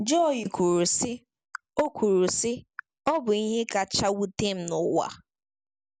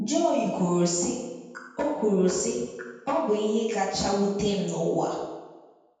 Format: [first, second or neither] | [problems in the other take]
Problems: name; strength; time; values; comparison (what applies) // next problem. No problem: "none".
first | room echo; dies away in 1.1 s